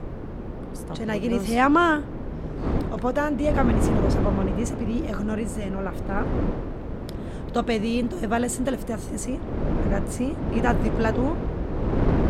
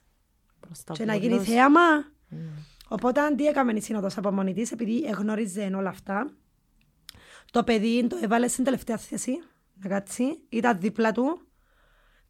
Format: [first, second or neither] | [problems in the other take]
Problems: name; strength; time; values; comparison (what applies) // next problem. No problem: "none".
second | wind noise on the microphone; heavy; 7 dB below the speech